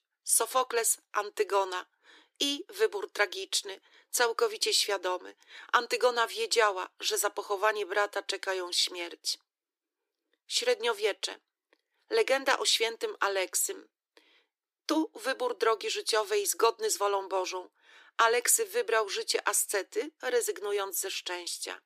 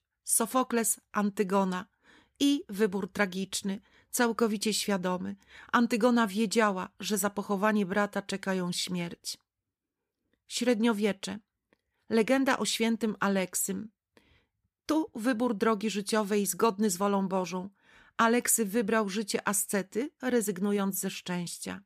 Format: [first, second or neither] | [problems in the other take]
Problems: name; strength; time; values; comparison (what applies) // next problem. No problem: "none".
second | thin; very; fading below 300 Hz